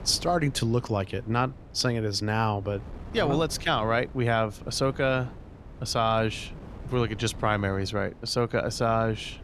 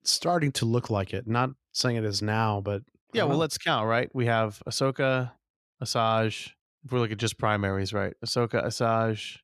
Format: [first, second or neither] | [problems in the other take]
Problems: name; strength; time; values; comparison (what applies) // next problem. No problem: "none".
second | wind noise on the microphone; occasional gusts; 25 dB below the speech